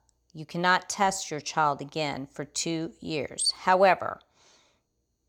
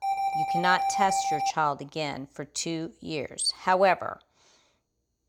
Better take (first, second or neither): first